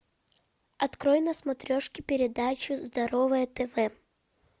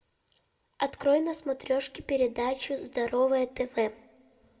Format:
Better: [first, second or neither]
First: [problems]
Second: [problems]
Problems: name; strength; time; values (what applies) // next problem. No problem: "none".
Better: first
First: none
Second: room echo; dies away in 0.7 s